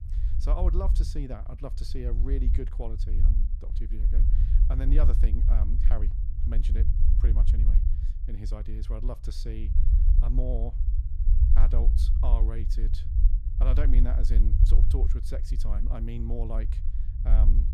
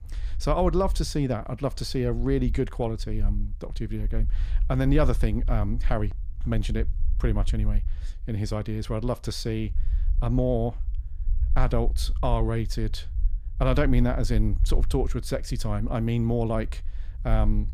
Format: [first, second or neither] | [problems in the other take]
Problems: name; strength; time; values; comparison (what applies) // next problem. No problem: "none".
second | low rumble; loud; throughout; 6 dB below the speech; faint in the second